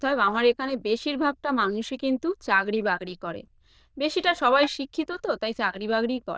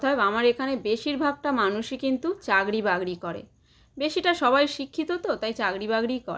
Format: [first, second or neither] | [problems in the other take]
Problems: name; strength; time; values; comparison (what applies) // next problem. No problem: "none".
second | noise reduction (neural diffusion model UNIVERSE++)